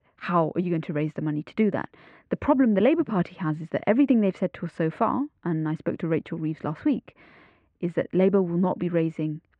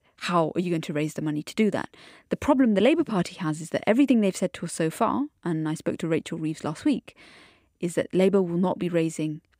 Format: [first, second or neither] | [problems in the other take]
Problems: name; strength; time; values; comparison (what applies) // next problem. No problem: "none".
second | muffled; very; fading above 2 kHz